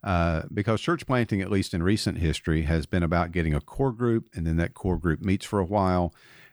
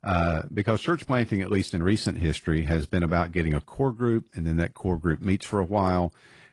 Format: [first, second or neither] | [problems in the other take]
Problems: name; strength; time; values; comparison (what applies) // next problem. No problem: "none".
first | garbled, watery; slightly; nothing above 10 kHz